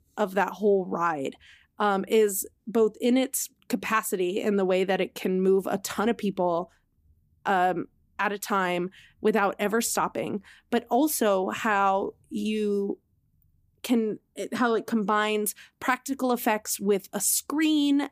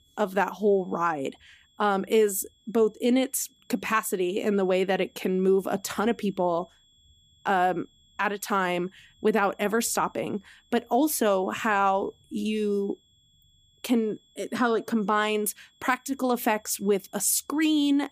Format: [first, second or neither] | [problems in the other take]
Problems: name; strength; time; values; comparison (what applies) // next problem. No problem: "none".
first | high-pitched whine; faint; throughout; 3.5 kHz, 35 dB below the speech